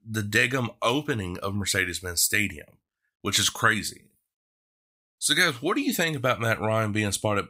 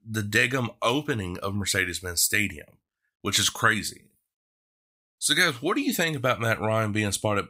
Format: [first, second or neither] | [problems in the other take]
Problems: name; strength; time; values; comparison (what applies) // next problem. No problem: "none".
neither | none